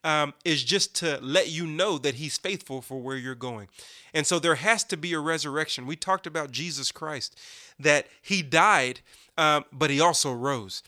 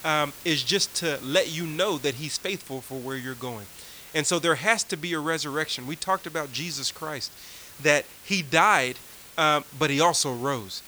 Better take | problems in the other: first | hiss; noticeable; throughout; 20 dB below the speech

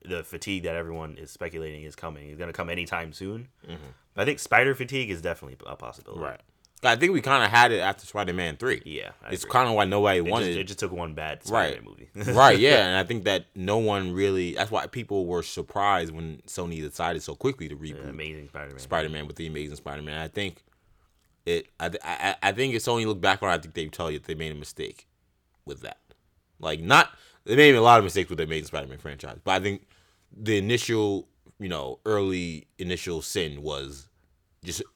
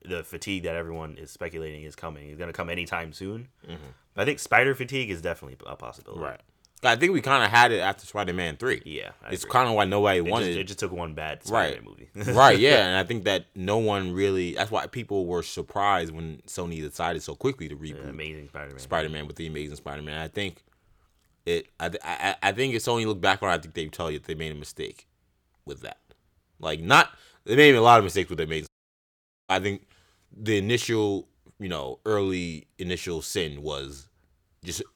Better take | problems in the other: first | audio cutting out; at 29 s for 1 s

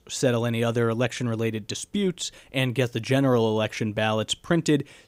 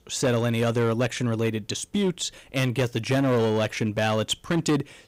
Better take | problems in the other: first | distortion; slight; 9% of the sound clipped

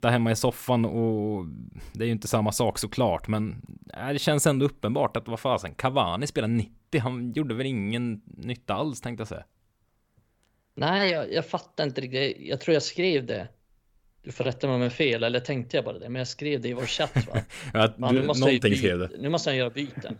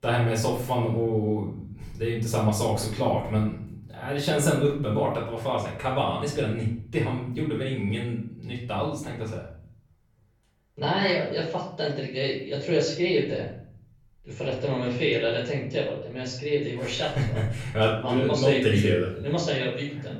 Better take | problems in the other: first | off-mic speech; far // room echo; noticeable; dies away in 0.6 s

